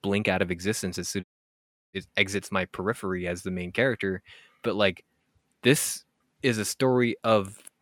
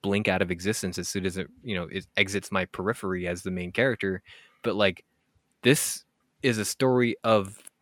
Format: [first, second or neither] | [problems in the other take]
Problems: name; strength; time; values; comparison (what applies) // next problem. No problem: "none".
second | audio cutting out; at 1 s for 0.5 s